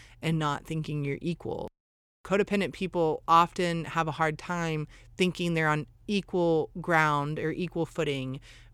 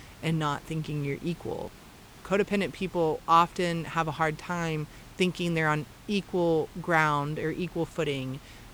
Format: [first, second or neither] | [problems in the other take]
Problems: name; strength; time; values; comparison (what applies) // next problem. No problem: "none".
first | hiss; faint; throughout; 20 dB below the speech